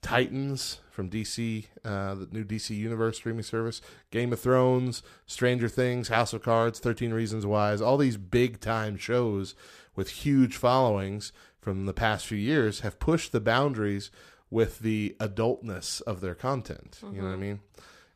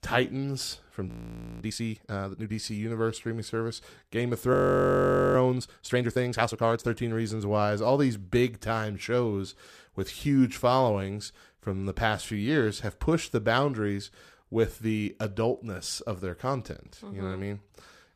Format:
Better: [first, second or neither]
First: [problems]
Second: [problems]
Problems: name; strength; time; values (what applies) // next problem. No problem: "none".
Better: first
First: none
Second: audio freezing; at 1 s for 0.5 s and at 4.5 s for 1 s